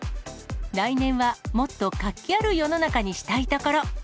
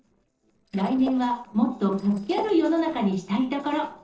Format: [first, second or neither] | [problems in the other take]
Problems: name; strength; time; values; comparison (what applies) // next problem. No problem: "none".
first | noise reduction (neural separator model SepFormer DNS4)